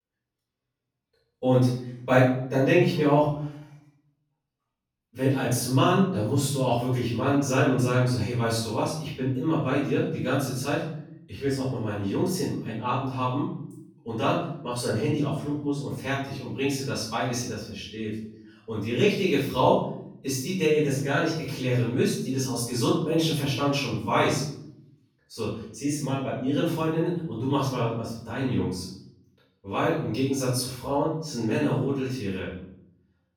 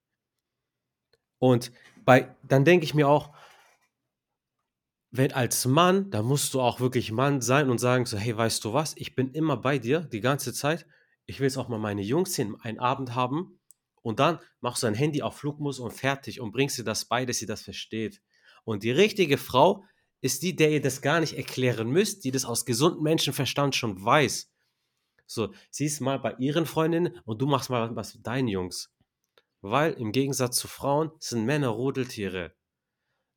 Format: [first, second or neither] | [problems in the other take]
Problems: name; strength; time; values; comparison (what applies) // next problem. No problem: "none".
second | off-mic speech; far // room echo; noticeable; dies away in 0.7 s